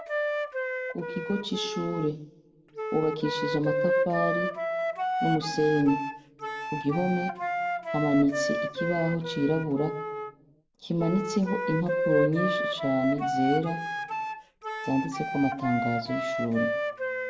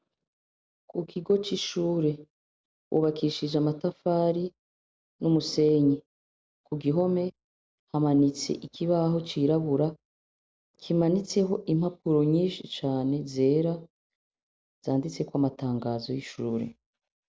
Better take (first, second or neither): second